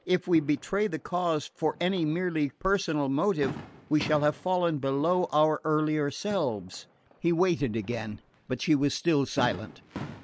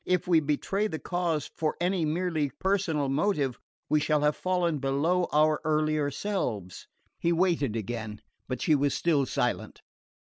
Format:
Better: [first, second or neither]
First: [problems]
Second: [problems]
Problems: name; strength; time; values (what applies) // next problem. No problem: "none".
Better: second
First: background sound (Fireworks); 17 dB below the speech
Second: none